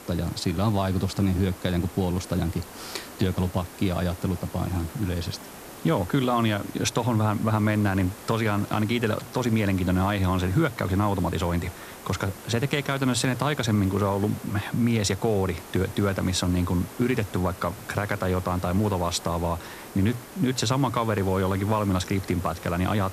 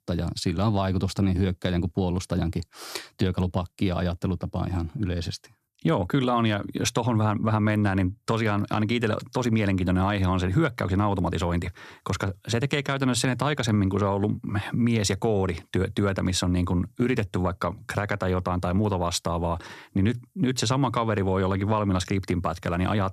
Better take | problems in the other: second | hiss; noticeable; throughout; 15 dB below the speech

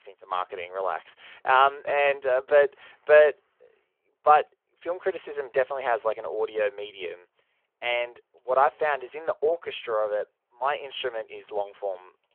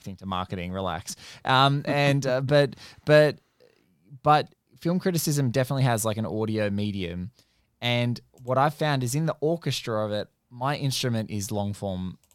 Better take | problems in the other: second | phone-call audio

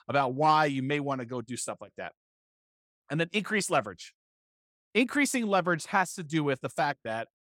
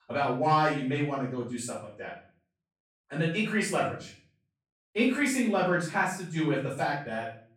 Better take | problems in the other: first | off-mic speech; far // room echo; noticeable; dies away in 0.4 s

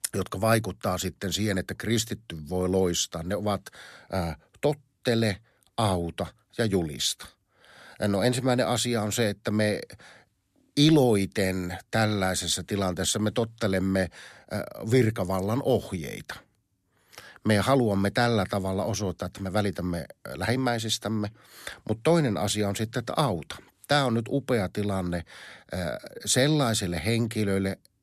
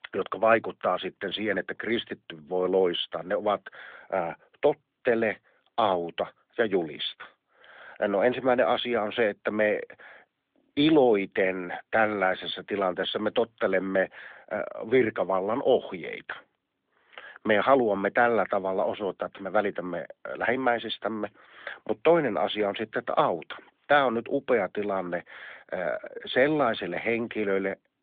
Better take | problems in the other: first | phone-call audio; nothing above 3.5 kHz

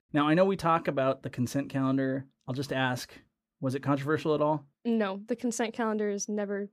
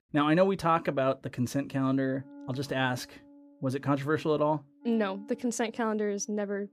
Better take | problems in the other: first | background music; faint; from 2.5 s on; 25 dB below the speech

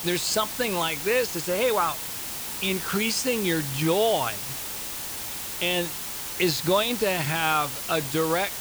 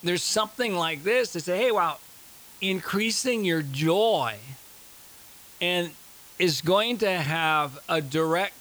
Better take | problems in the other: second | hiss; loud; throughout; 5 dB below the speech; faint in the second

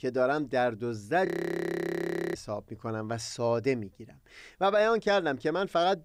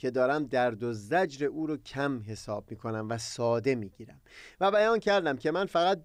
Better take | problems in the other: second | audio freezing; at 1.5 s for 1 s

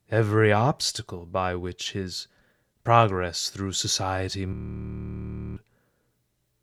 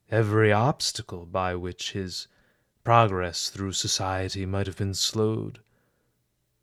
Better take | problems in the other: second | audio freezing; at 4.5 s for 1 s

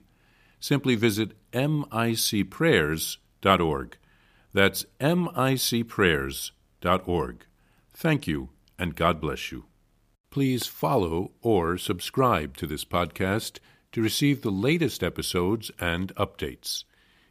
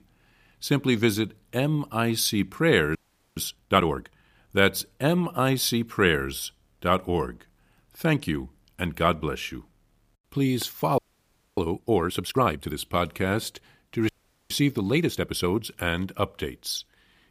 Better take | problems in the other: first | audio freezing; at 3 s, at 11 s for 0.5 s and at 14 s

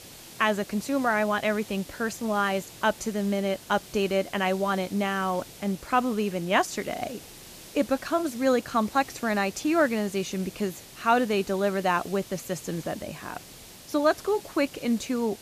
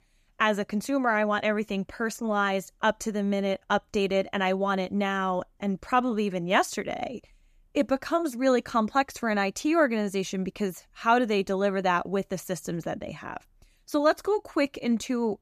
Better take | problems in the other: second | hiss; noticeable; throughout; 15 dB below the speech

